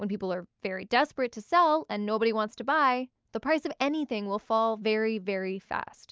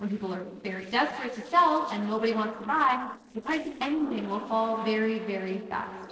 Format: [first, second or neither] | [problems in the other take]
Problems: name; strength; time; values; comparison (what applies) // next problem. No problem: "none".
first | noise reduction (neural separator model SepFormer DNS4)